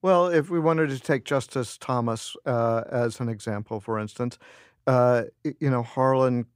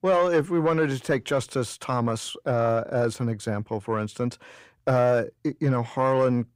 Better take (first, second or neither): first